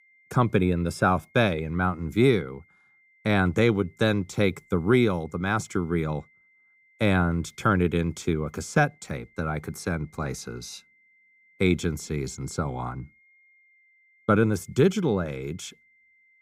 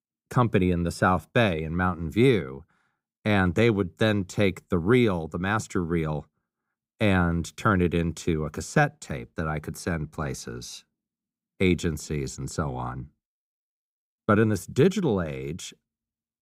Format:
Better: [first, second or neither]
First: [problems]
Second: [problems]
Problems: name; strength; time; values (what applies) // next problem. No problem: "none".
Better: second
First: high-pitched whine; faint; throughout; 2 kHz, 35 dB below the speech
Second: none